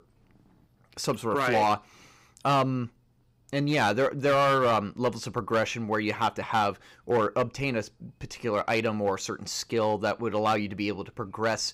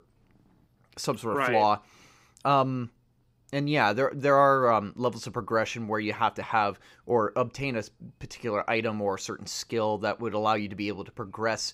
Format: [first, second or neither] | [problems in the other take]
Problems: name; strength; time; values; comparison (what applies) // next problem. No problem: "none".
second | distortion; slight; 4% of the sound clipped